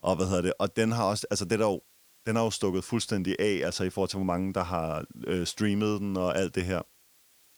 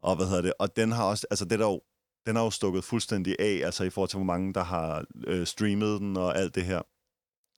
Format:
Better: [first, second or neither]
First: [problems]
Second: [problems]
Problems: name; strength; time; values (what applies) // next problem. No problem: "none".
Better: second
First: hiss; faint; throughout; 30 dB below the speech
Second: none